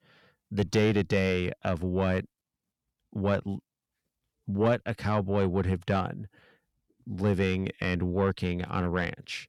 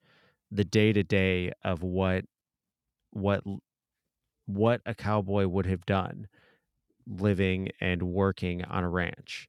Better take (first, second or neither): second